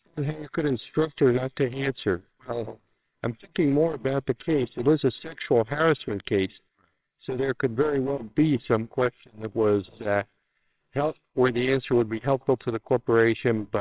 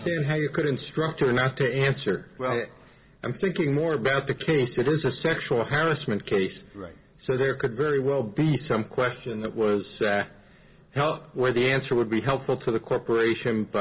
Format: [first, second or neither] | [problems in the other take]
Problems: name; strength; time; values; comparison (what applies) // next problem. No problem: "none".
second | noise reduction (neural separator model SepFormer WHAMR!)